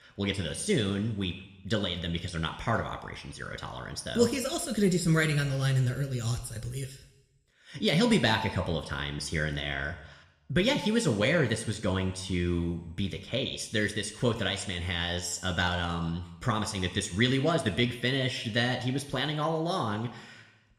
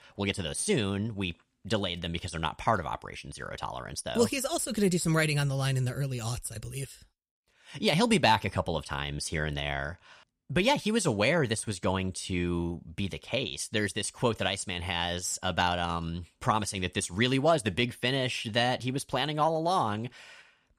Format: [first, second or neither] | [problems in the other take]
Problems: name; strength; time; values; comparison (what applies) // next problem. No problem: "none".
second | room echo; slight; dies away in 0.9 s